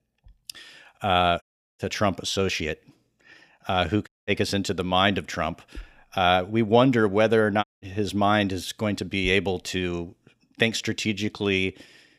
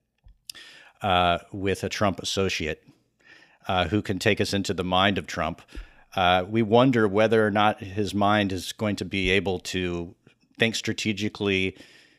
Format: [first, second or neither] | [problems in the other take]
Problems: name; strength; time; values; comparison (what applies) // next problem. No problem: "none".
second | audio cutting out; at 1.5 s, at 4 s and at 7.5 s